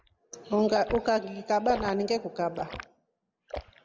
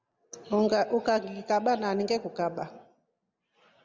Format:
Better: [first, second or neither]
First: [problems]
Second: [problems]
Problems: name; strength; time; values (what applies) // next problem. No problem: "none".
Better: second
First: background sound (Liquid); 12 dB below the speech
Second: none